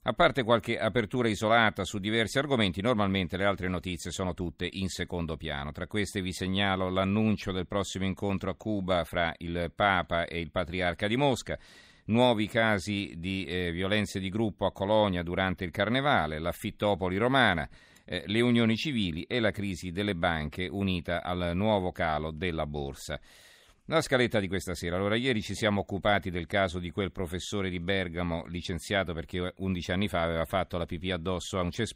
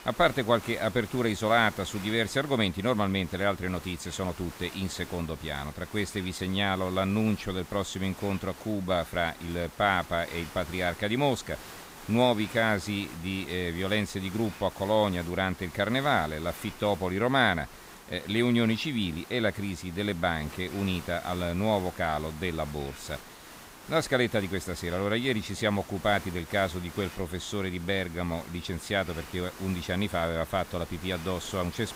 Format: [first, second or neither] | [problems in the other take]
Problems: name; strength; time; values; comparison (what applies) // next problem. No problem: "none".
first | hiss; noticeable; throughout; 15 dB below the speech